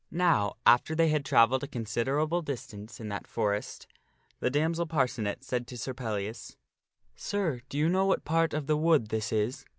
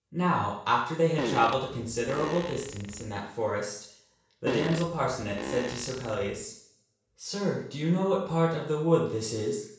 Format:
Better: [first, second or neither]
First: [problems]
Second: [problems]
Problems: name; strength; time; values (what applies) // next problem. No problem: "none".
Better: first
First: none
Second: background sound (Fart); 7 dB below the speech // room echo; dies away in 0.7 s